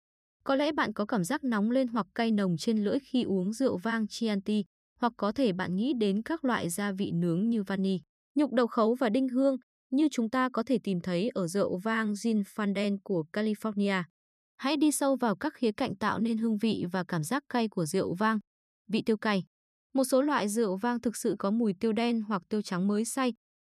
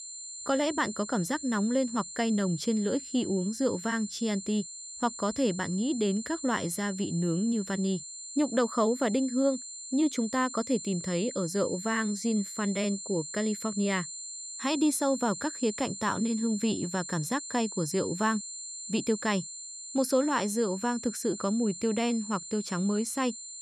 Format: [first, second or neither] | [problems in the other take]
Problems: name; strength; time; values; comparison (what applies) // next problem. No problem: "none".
first | high-pitched whine; loud; throughout; 7 kHz, 9 dB below the speech